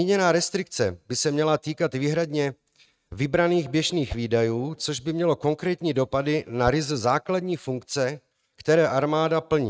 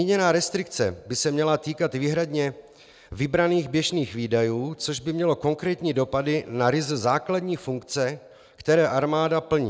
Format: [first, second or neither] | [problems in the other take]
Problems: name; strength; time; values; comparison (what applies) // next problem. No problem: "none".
second | noise reduction (neural mask model RNNoise)